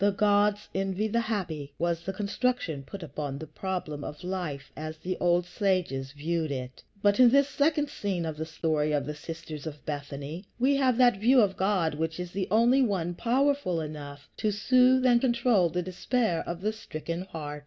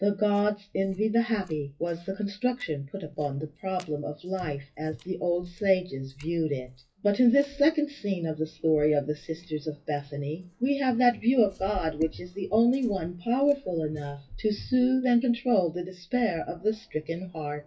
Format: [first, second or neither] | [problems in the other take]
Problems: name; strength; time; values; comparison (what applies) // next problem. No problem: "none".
first | noise reduction (classical method WPE with log-MMSE)